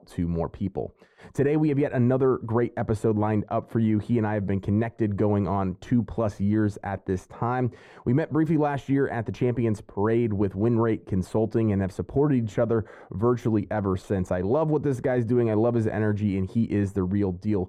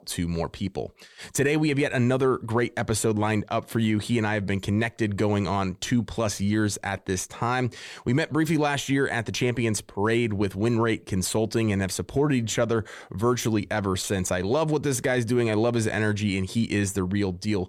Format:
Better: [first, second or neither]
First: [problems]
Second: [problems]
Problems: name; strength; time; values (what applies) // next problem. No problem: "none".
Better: second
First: muffled; very; fading above 2 kHz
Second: none